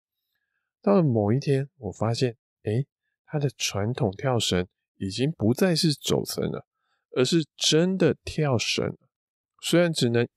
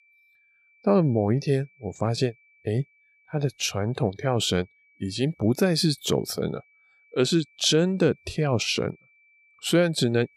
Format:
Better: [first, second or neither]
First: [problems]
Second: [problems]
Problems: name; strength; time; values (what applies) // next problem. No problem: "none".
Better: first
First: none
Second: high-pitched whine; faint; throughout; 2.5 kHz, 35 dB below the speech